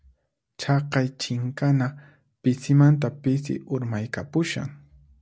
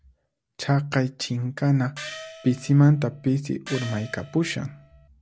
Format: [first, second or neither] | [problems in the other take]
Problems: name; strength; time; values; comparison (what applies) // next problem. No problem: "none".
first | background sound (Gong); 17 dB below the speech